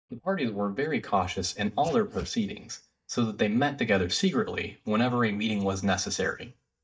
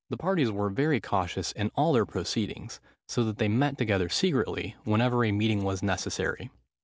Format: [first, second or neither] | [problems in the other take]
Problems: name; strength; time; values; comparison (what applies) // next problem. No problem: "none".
second | noise reduction (neural mask model DeepFilterNet 3)